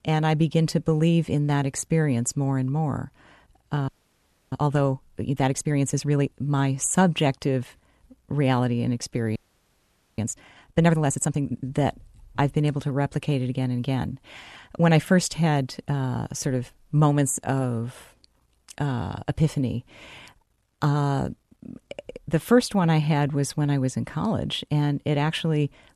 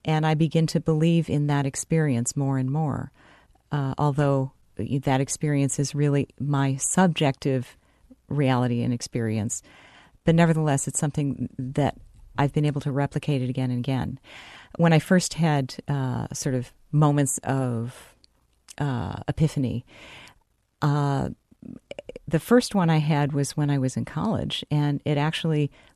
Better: second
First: audio freezing; at 4 s for 0.5 s and at 9.5 s for 1 s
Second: none

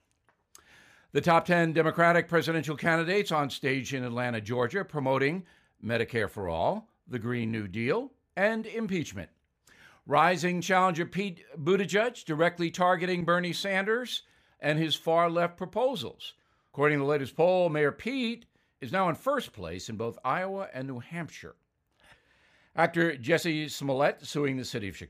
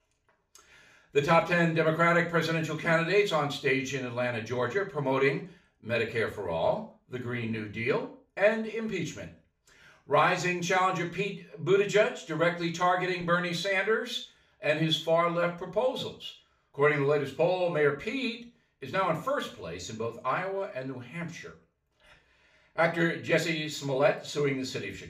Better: first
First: none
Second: room echo; slight; dies away in 0.4 s // off-mic speech; far

